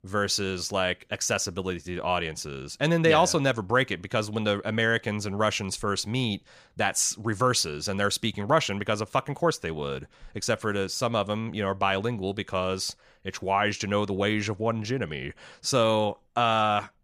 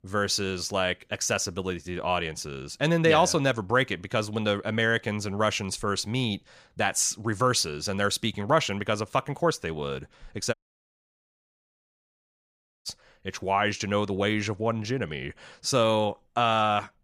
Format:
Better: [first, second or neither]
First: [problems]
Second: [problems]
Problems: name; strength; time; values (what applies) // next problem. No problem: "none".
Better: first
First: none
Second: audio cutting out; at 11 s for 2.5 s